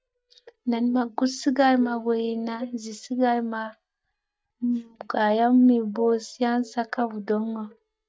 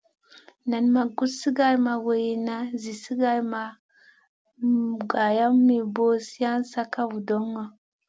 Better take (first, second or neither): second